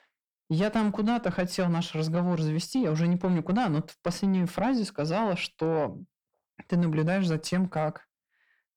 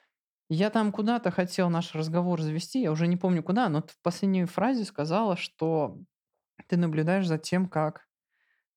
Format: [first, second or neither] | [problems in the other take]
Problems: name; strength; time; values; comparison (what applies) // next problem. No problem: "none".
second | distortion; slight; 9 dB below the speech